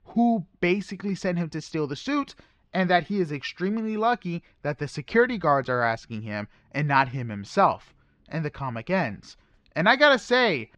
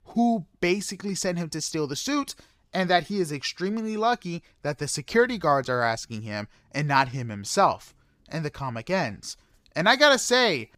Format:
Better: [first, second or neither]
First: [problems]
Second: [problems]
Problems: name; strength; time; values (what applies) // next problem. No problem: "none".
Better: second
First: muffled; slightly; fading above 2.5 kHz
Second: none